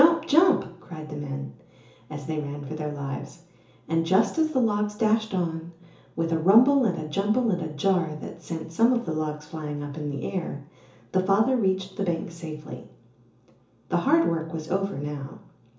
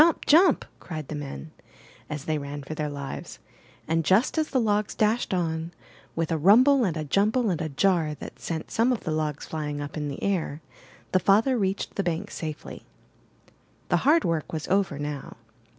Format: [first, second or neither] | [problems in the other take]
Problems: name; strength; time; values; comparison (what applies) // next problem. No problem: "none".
second | room echo; dies away in 0.7 s